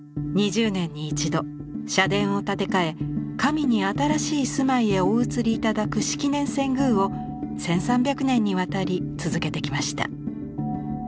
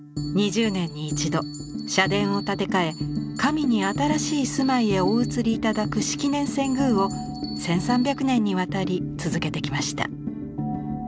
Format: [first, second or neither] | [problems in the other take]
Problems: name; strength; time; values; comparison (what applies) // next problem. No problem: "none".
first | background sound (Bell); 19 dB below the speech